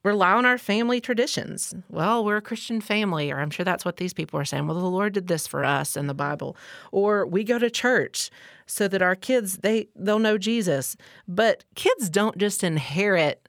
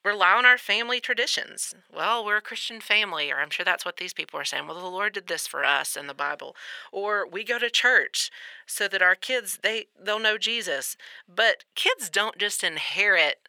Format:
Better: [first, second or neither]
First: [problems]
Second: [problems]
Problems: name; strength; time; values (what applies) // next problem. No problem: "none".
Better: first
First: none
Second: thin; very; fading below 600 Hz